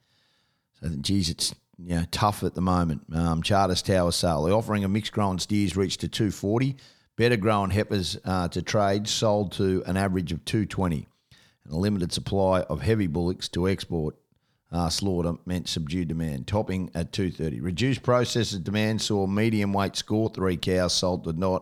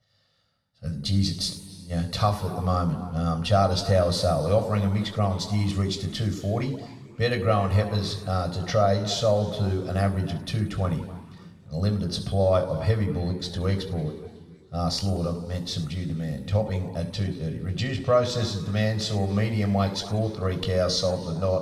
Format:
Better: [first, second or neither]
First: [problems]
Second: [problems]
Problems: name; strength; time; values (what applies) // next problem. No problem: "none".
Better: first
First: none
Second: room echo; noticeable; dies away in 1.9 s // off-mic speech; somewhat distant